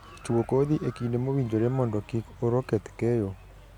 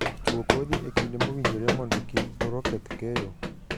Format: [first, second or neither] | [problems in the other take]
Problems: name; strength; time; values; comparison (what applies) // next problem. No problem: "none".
first | background sound (Run); 5 dB above the speech